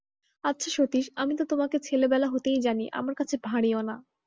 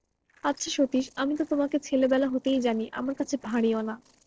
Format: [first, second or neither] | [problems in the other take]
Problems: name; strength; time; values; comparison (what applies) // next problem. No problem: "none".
first | noise reduction (neural separator model SepFormer DNS4)